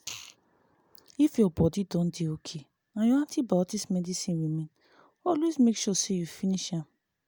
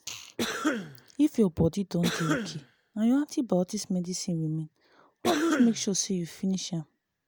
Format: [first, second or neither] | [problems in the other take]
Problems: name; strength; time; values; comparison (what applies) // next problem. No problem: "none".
first | background sound (Cough); 4 dB below the speech